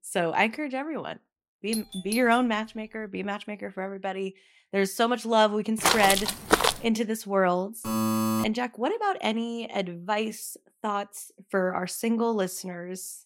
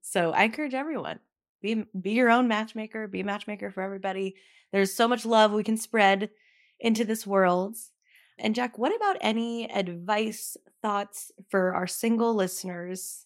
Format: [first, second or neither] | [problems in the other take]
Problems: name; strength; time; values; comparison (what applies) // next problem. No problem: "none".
second | doorbell; noticeable; at 1.5 s; peak 9 dB below the speech // footsteps; loud; at 6 s; peak 5 dB above the speech // alarm; loud; at 8 s; peak 2 dB above the speech